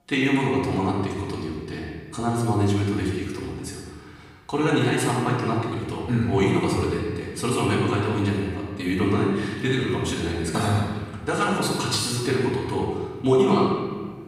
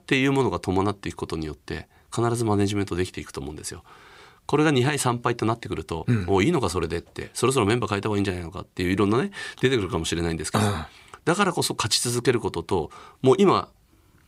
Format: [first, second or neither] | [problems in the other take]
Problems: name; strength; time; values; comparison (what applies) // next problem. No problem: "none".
second | off-mic speech; far // room echo; noticeable; dies away in 1.5 s